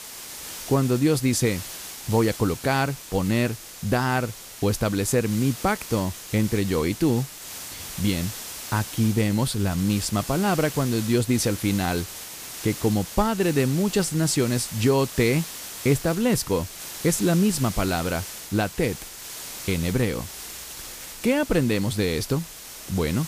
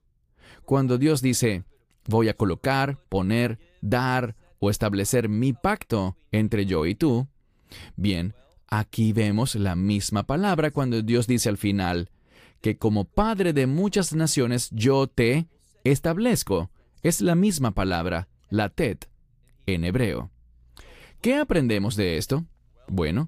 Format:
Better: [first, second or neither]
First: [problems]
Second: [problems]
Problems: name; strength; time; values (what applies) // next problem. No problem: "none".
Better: second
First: hiss; noticeable; throughout; 10 dB below the speech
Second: none